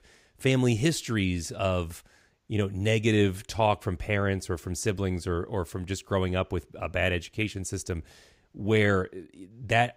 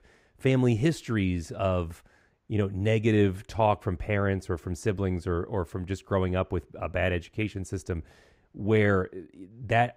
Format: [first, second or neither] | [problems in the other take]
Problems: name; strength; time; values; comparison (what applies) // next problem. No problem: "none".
first | muffled; slightly; fading above 2.5 kHz